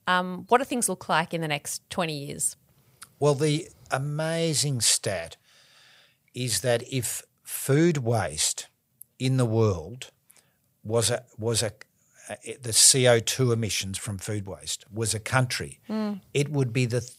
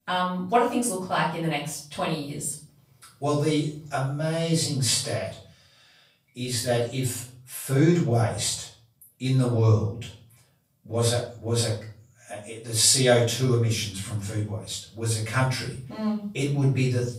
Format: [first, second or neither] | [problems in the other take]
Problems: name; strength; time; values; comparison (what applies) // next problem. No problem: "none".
first | off-mic speech; far // room echo; noticeable; dies away in 0.4 s